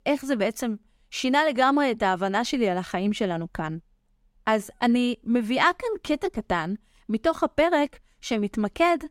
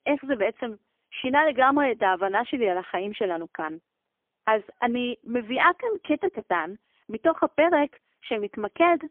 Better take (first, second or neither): first